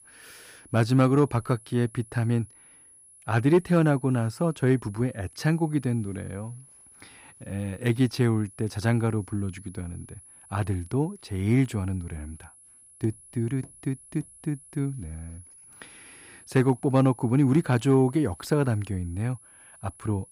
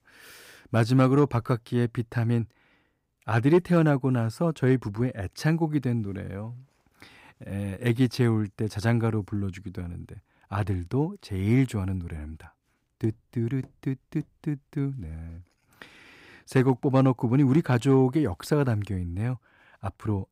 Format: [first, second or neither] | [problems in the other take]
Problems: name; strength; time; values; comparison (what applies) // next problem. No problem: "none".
second | high-pitched whine; faint; throughout; 10.5 kHz, 25 dB below the speech